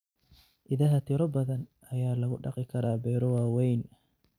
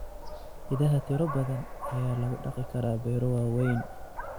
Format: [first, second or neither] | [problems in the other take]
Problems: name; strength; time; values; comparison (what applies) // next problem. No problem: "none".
first | background sound (Dog); 9 dB below the speech